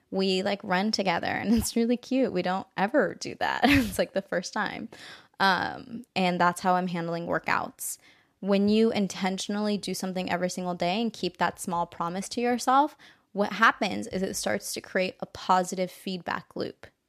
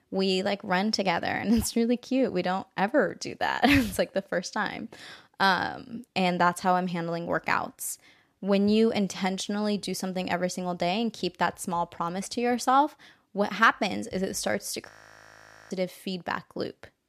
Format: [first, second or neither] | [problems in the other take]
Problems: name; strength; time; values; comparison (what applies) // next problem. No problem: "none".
first | audio freezing; at 15 s for 1 s